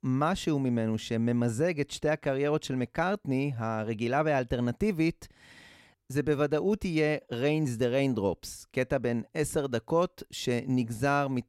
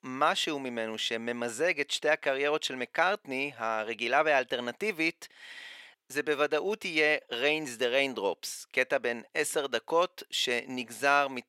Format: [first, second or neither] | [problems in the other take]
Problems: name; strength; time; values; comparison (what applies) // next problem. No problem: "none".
first | thin; somewhat; fading below 500 Hz